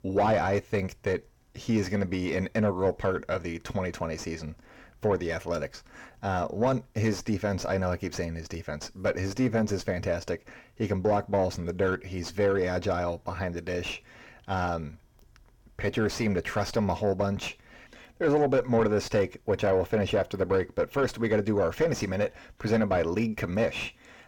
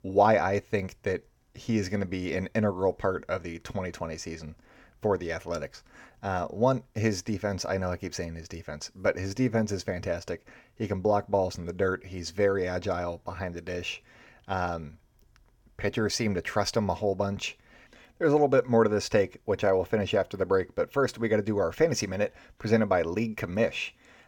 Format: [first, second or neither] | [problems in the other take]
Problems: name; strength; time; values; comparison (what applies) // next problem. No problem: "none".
second | distortion; slight; 9 dB below the speech